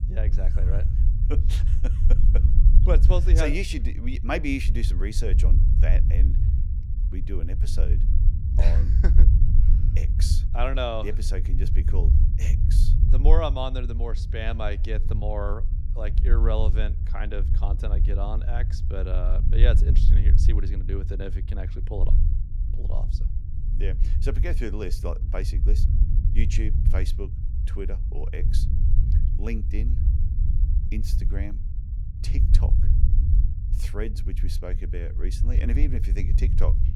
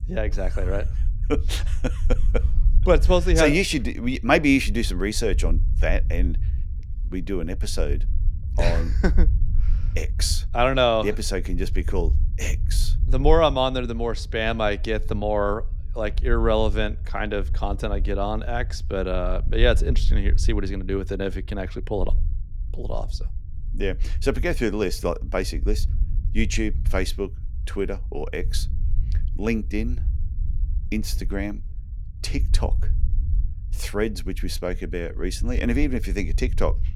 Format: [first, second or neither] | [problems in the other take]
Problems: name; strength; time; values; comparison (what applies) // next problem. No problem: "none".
second | low rumble; loud; throughout; 8 dB below the speech; faint in the second